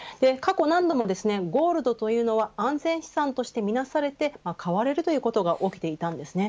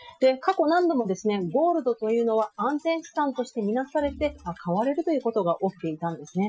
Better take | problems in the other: first | noise reduction (classical method Wiener filter)

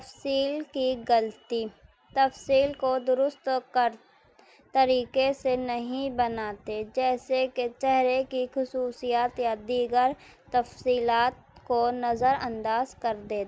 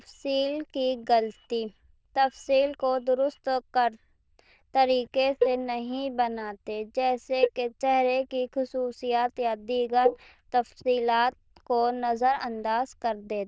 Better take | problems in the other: first | noise reduction (neural diffusion model UNIVERSE++)

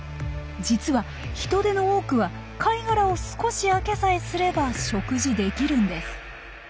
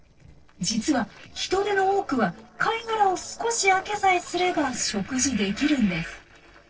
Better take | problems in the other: first | noise reduction (neural separator model SepFormer DNS4)

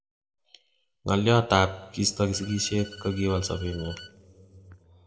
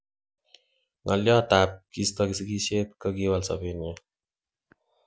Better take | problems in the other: second | background sound (Bowed string instrument); 19 dB below the speech // room echo; dies away in 1.1 s

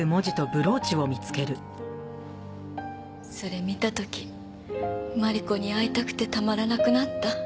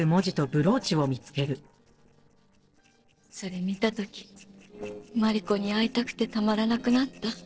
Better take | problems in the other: first | noise reduction (neural separator model SepFormer DNS4)

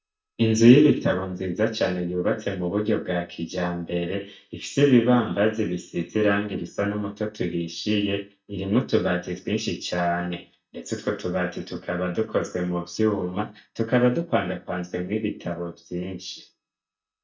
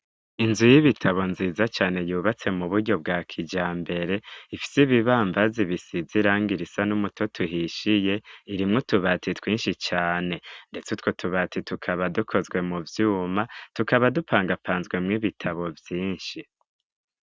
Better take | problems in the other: second | noise reduction (neural mask model DeepFilterNet 3)

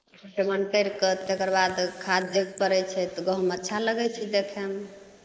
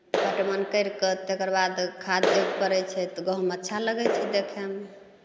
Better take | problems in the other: second | noise reduction (neural mask model Resemble Enhance denoiser)

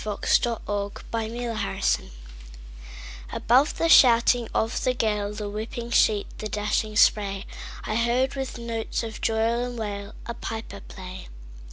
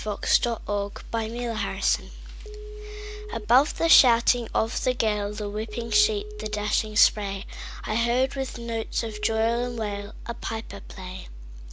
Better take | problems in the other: first | background sound (Telephone); 14 dB below the speech

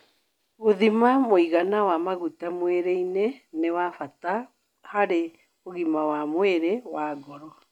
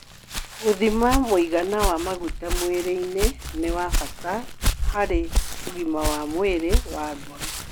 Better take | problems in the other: first | background sound (Walk, footsteps); 1 dB below the speech

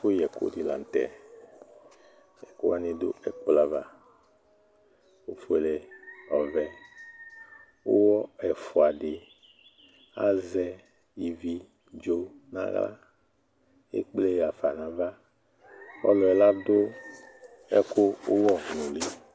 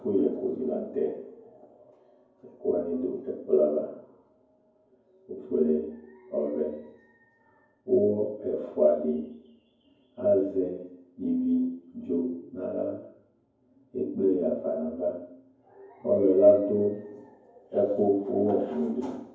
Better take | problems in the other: first | room echo; dies away in 0.9 s

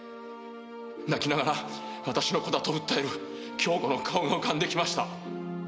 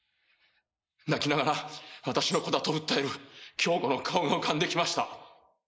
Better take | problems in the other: first | noise reduction (neural mask model Resemble Enhance denoiser)

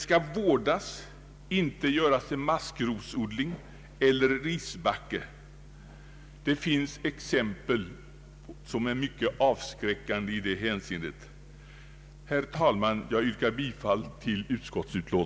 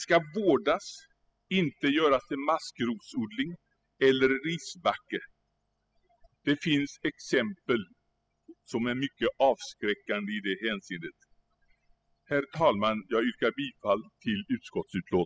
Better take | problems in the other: first | noise reduction (classical method spectral subtraction)

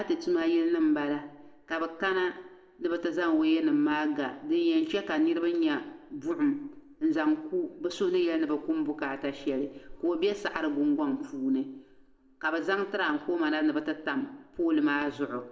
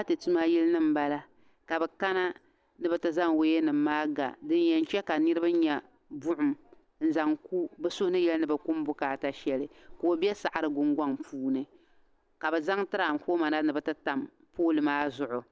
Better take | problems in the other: second | room echo; dies away in 0.7 s

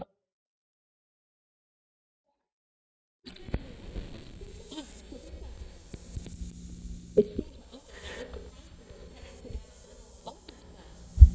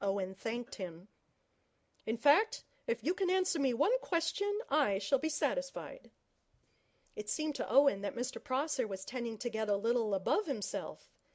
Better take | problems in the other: second | noise reduction (neural mask model DeepFilterNet 3)

